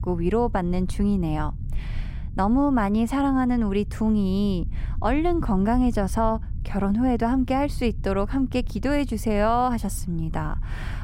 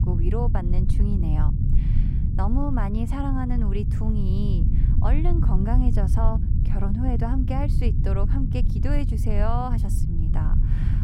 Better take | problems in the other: first | low rumble; loud; throughout; 5 dB below the speech; faint in the first

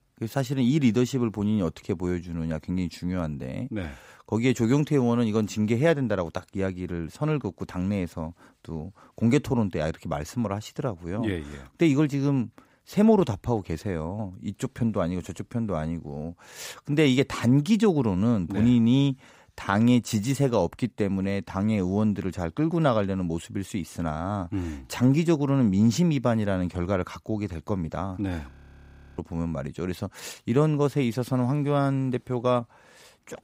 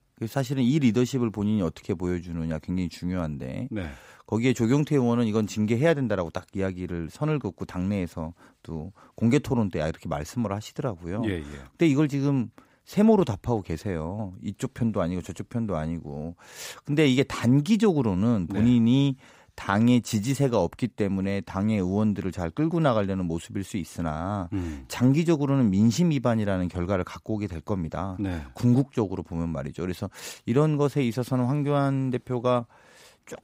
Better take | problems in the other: second | audio freezing; at 29 s for 0.5 s

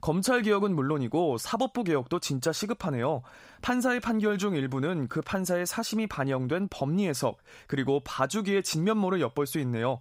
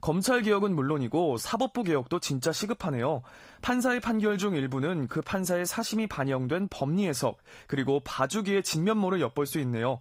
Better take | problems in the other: first | garbled, watery; slightly; nothing above 15.5 kHz

